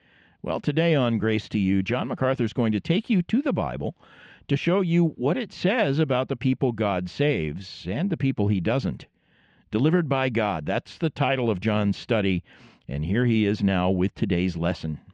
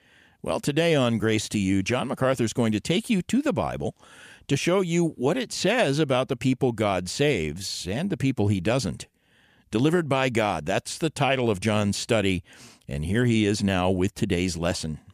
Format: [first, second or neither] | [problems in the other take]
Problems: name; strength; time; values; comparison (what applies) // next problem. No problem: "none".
second | muffled; slightly; fading above 3.5 kHz